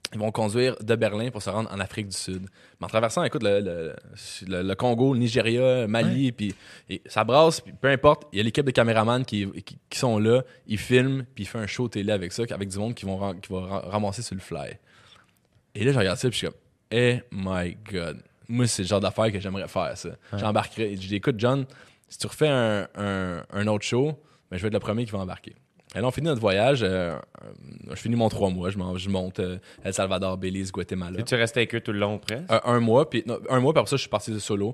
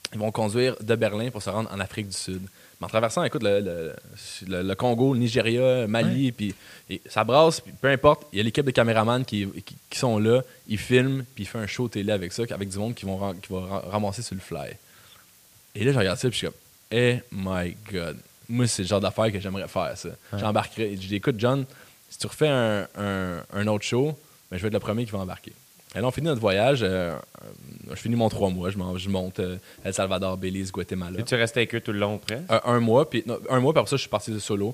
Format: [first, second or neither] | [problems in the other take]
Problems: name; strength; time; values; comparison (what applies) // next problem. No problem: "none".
first | hiss; faint; throughout; 25 dB below the speech